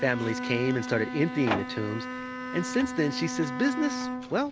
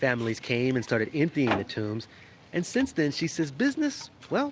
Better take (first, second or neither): second